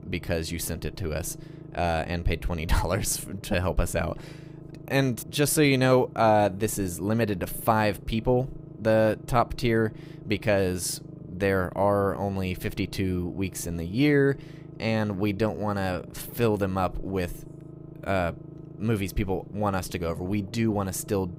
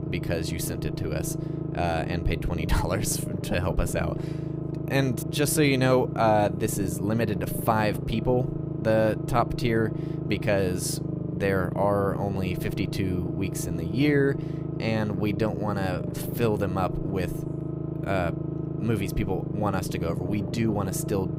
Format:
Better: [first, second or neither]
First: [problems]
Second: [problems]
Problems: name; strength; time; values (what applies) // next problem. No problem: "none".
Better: first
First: low rumble; faint; throughout; 20 dB below the speech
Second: low rumble; loud; throughout; 9 dB below the speech